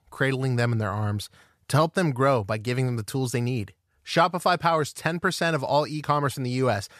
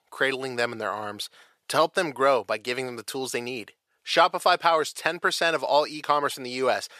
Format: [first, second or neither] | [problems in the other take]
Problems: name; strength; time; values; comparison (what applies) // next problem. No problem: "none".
first | thin; somewhat; fading below 450 Hz